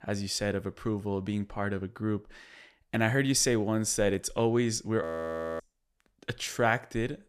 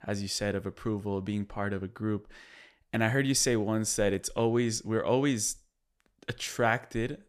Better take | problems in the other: second | audio freezing; at 5 s for 0.5 s

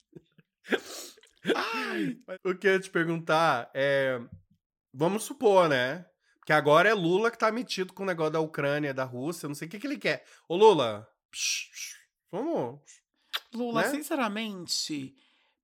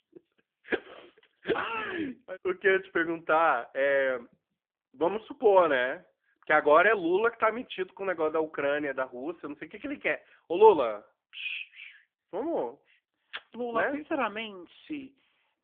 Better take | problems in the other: first | phone-call audio; poor line; nothing above 3.5 kHz

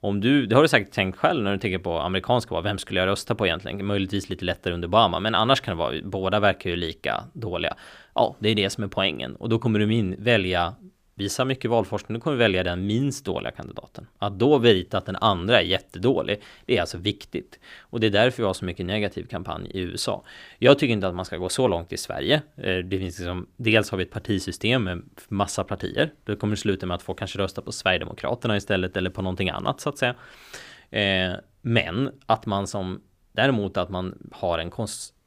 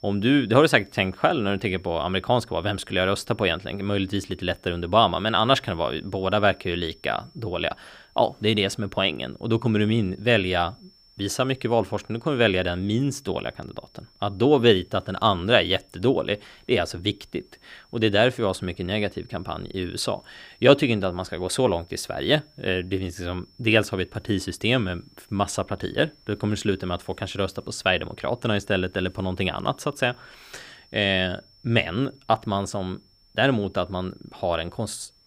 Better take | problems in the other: first | high-pitched whine; faint; throughout; 5.5 kHz, 30 dB below the speech

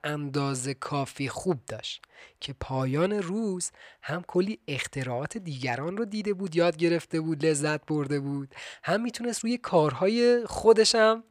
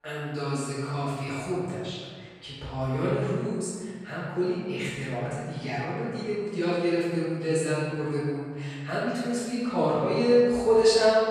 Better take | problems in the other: first | off-mic speech; far // room echo; strong; dies away in 1.6 s

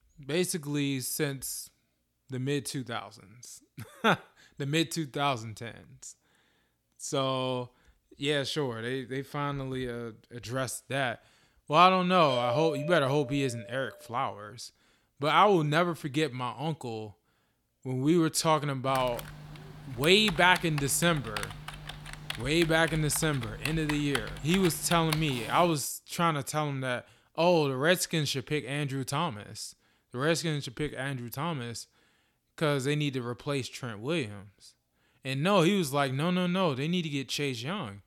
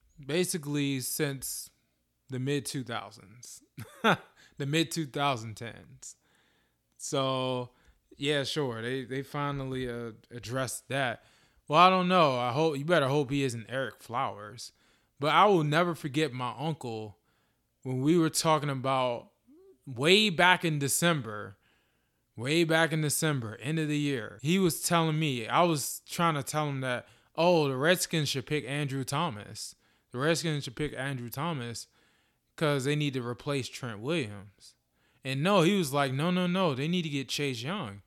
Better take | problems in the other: second | doorbell; noticeable; from 12 to 14 s; peak 4 dB below the speech // keyboard typing; noticeable; from 19 to 26 s; peak 6 dB below the speech

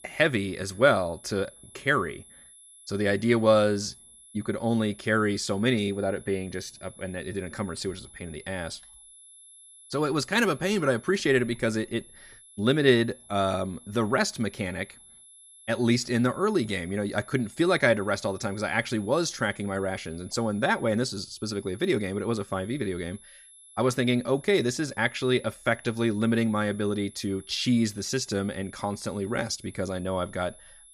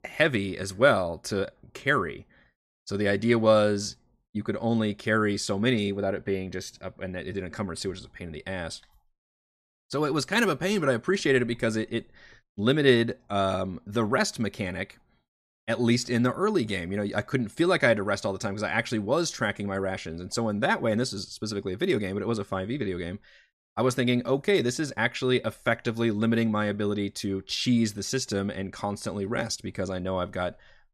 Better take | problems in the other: second | high-pitched whine; faint; throughout; 11 kHz, 20 dB below the speech

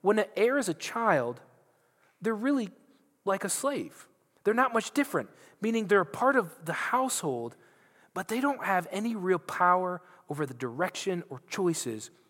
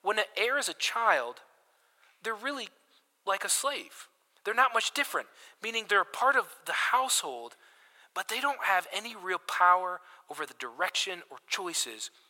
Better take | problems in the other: first | thin; very; fading below 800 Hz

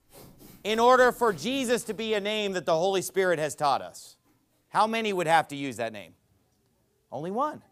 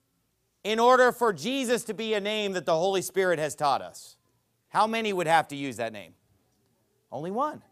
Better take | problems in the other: second | machinery noise; faint; throughout; 25 dB below the speech

